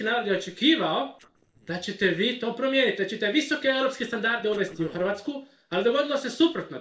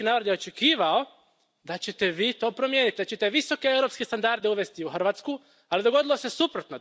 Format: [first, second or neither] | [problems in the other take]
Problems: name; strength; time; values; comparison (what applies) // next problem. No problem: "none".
second | noise reduction (neural separator model SepFormer DNS4)